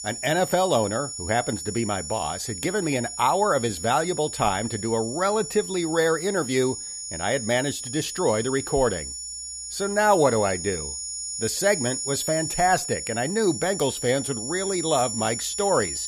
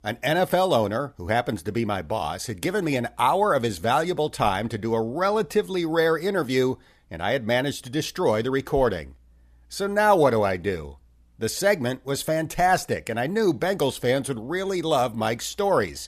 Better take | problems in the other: second | high-pitched whine; loud; throughout; 7 kHz, 6 dB below the speech

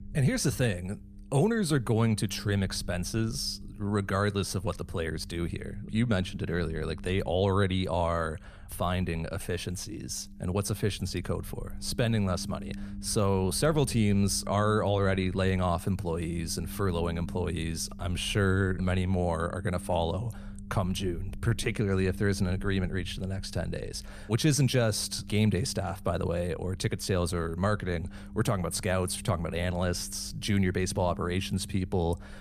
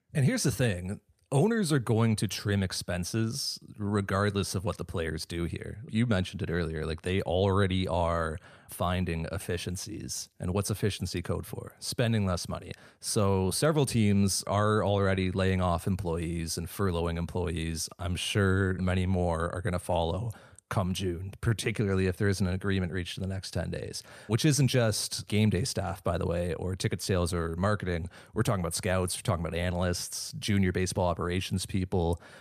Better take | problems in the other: second | low rumble; faint; throughout; 20 dB below the speech

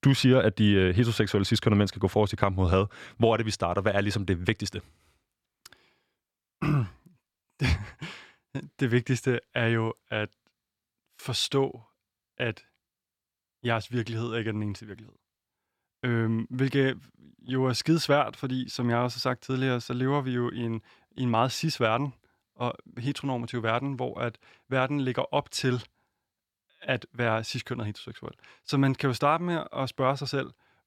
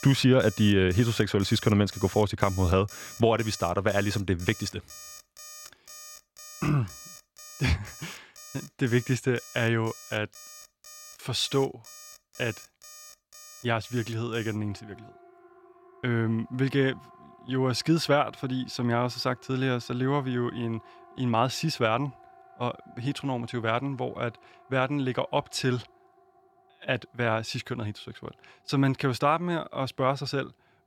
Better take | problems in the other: first | alarms or sirens; noticeable; throughout; 20 dB below the speech

